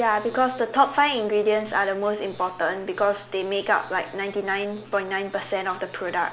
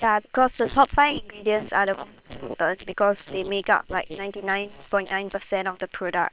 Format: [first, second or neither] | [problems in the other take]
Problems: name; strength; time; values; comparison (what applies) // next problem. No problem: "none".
first | noise reduction (neural separator model SepFormer WHAM!)